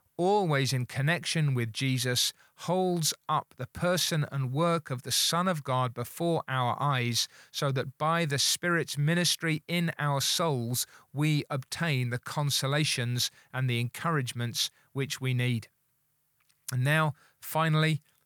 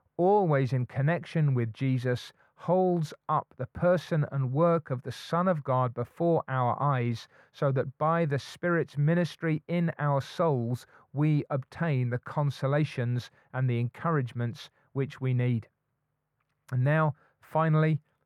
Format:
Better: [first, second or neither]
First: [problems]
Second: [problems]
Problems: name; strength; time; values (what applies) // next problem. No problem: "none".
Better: first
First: none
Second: muffled; very; fading above 2.5 kHz